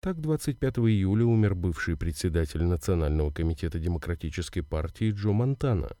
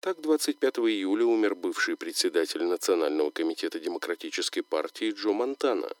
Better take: first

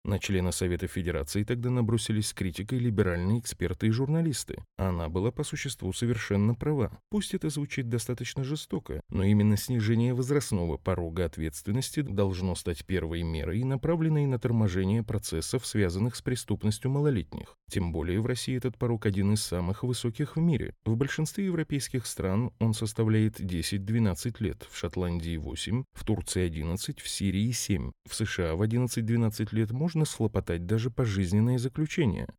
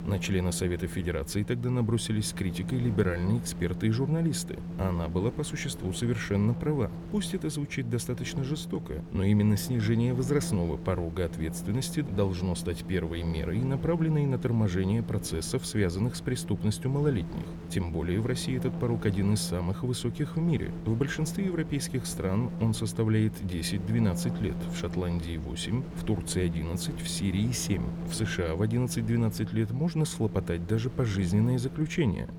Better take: first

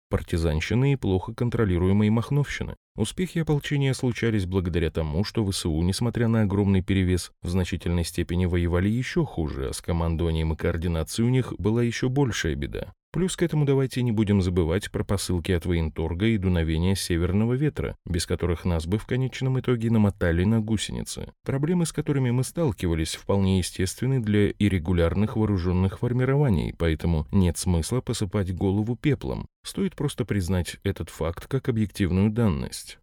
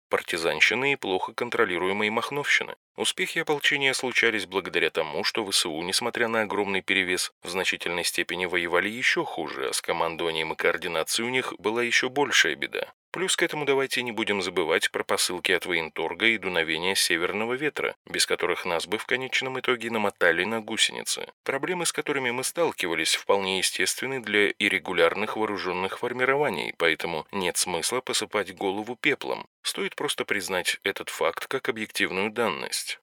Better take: first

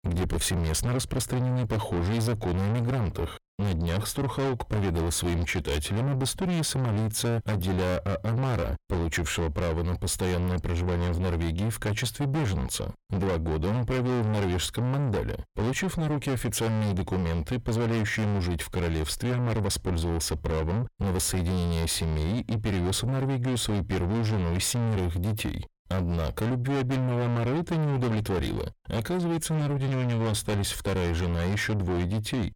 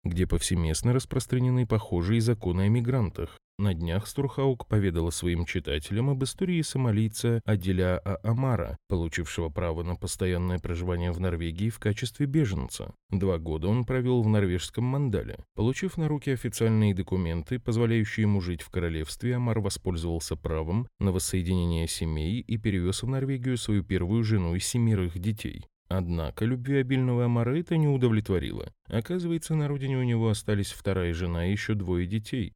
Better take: second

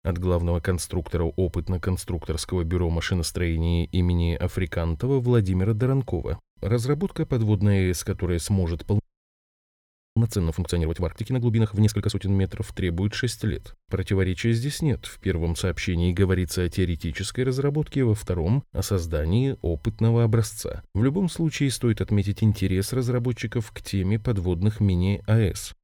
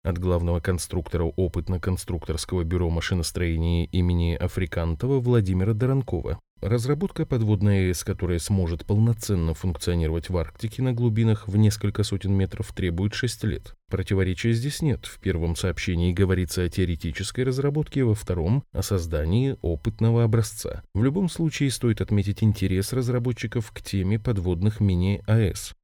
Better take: second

